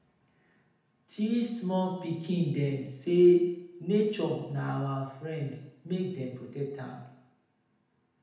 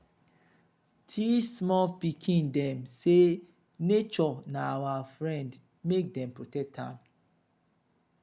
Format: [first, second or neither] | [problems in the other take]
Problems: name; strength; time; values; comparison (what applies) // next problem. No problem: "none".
second | room echo; dies away in 0.8 s